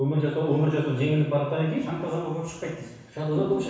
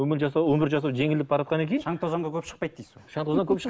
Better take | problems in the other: second | room echo; dies away in 1.1 s

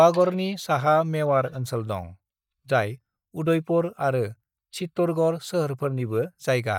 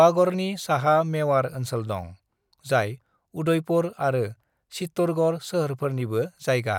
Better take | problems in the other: second | noise reduction (neural mask model DeepFilterNet 3)

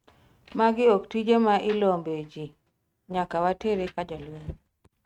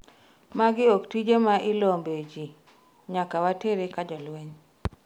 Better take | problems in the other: second | noise reduction (neural mask model RNNoise)

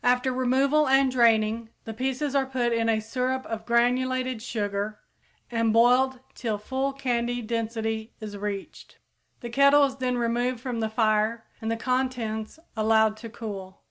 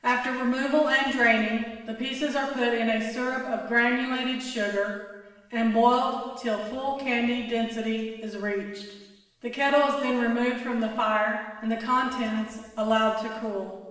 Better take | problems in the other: first | room echo; dies away in 1.2 s

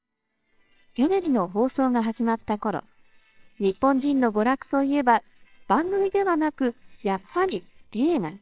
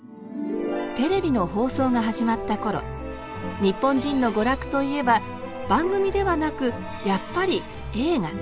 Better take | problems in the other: second | noise reduction (neural separator model SepFormer WHAMR!)

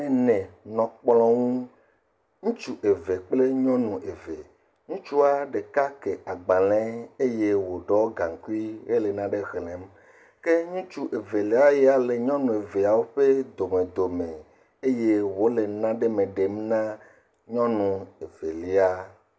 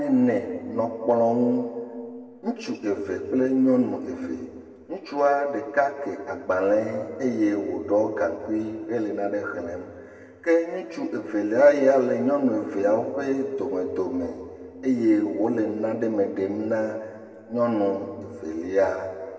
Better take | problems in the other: first | room echo; dies away in 1.9 s

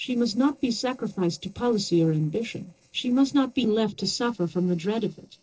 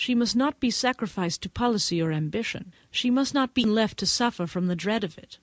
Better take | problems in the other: second | noise reduction (neural separator model SepFormer DNS4)

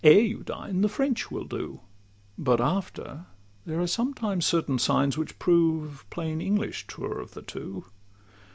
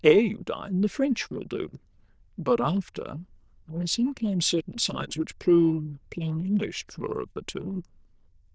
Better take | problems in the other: first | noise reduction (neural diffusion model UNIVERSE++)

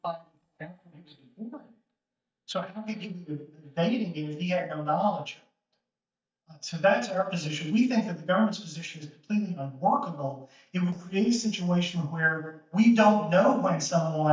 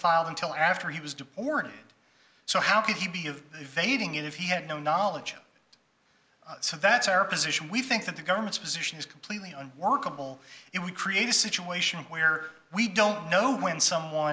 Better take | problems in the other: second | noise reduction (neural mask model DeepFilterNet 3)

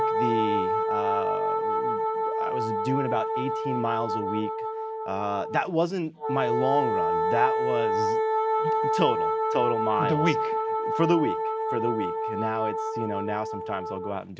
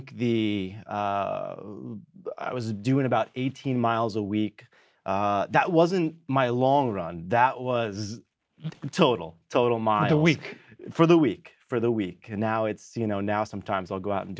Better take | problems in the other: second | background sound (Wind instrument, woodwind instrument); 3 dB above the speech

